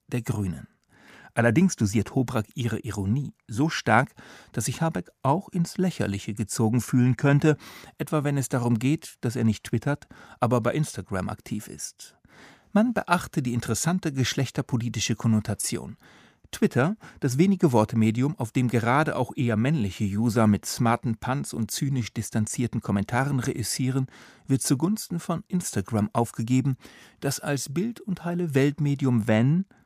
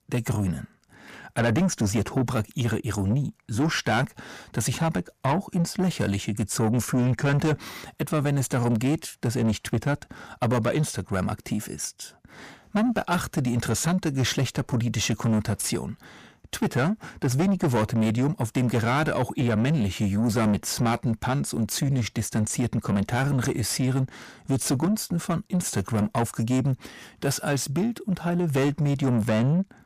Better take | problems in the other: first | distortion; heavy; 8 dB below the speech

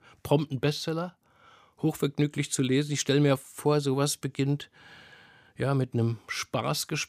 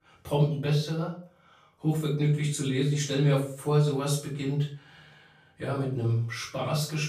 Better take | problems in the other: first | off-mic speech; far // room echo; noticeable; dies away in 0.4 s

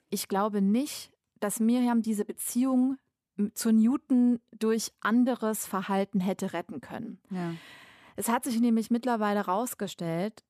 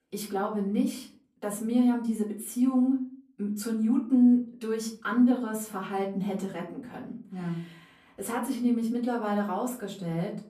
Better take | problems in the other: first | off-mic speech; far // room echo; slight; dies away in 0.4 s

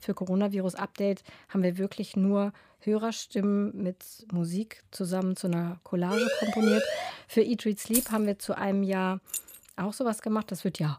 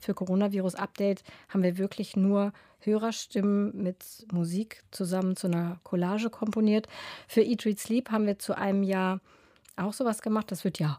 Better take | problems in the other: second | siren; loud; from 6 to 7 s; peak 1 dB above the speech // jangling keys; loud; at 8 s; peak 1 dB above the speech // jangling keys; noticeable; at 9.5 s; peak 6 dB below the speech

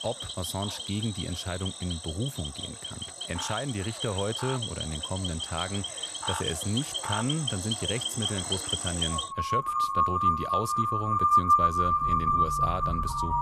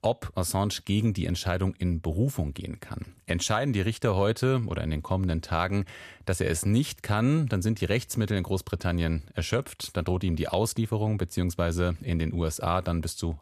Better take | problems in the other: second | animal sounds; very loud; throughout; 5 dB above the speech

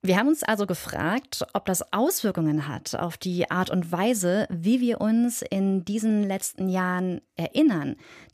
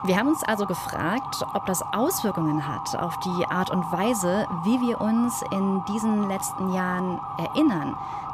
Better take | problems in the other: first | siren; noticeable; peak 5 dB below the speech

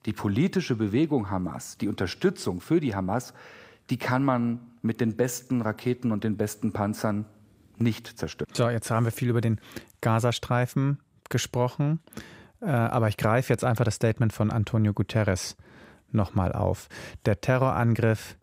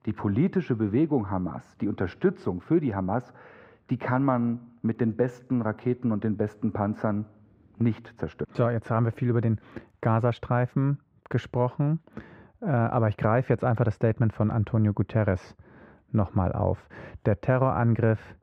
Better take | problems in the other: first | muffled; very; fading above 4 kHz

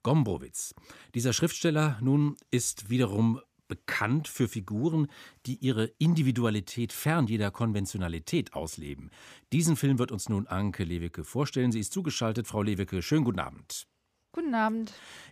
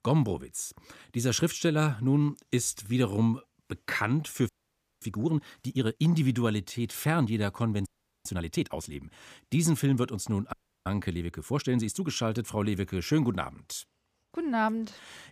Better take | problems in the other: first | audio freezing; at 4.5 s for 0.5 s, at 8 s and at 11 s

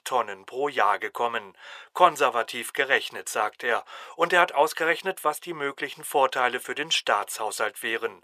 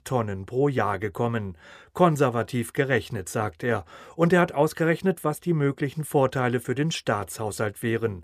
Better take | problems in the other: second | thin; very; fading below 700 Hz

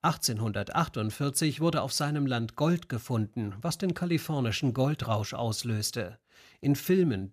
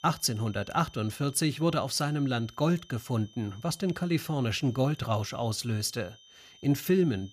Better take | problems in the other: first | high-pitched whine; faint; throughout; 3 kHz, 25 dB below the speech

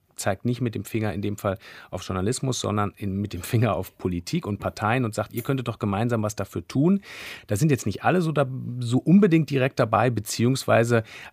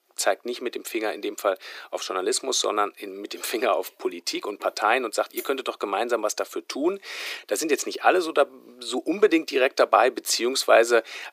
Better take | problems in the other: first | thin; very; fading below 350 Hz

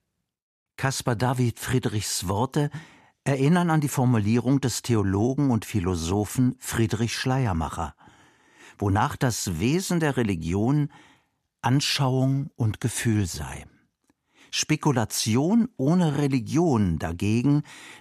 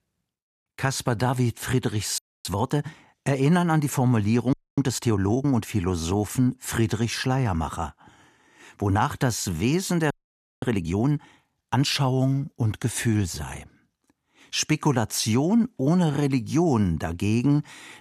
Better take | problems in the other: first | audio freezing; at 2 s, at 4.5 s and at 10 s for 0.5 s

